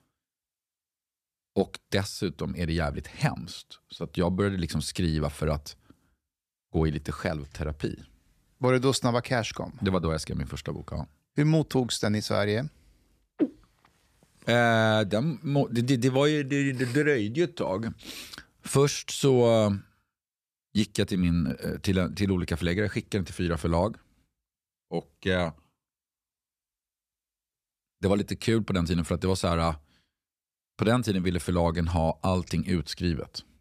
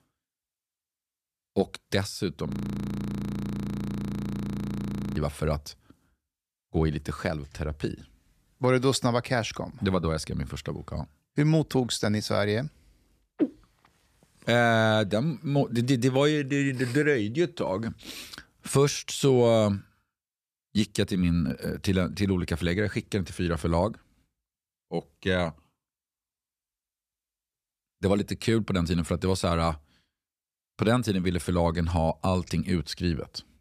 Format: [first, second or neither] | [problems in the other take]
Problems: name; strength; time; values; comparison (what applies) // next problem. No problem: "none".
first | audio freezing; at 2.5 s for 2.5 s